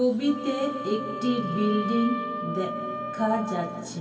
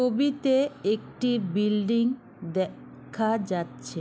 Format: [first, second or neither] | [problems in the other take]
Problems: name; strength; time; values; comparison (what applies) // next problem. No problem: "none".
second | background sound (Wind instrument, woodwind instrument); 7 dB below the speech // room echo; dies away in 2.5 s